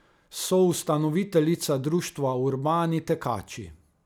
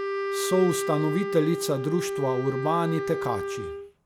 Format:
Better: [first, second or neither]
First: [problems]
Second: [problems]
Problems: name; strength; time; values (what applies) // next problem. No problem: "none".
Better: first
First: none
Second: background sound (Wind instrument, woodwind instrument); 3 dB below the speech